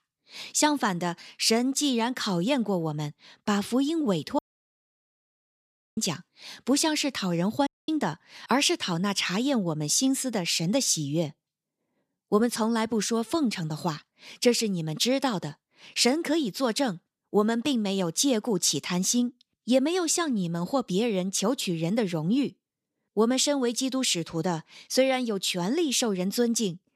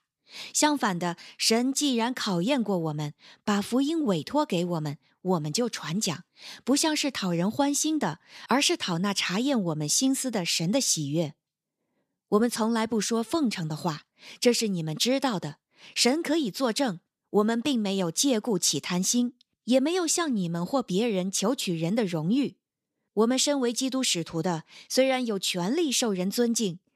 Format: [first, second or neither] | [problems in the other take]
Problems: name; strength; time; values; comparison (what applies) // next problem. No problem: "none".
second | audio cutting out; at 4.5 s for 1.5 s and at 7.5 s